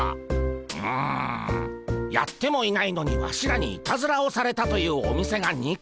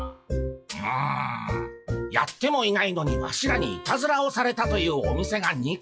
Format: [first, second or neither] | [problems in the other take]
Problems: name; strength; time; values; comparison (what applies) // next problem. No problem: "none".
first | noise reduction (classical method WPE with log-MMSE)